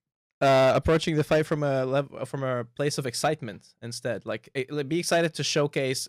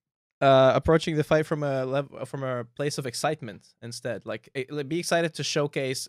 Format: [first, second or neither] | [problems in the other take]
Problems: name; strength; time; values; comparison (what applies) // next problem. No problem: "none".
second | distortion; slight; 4% of the sound clipped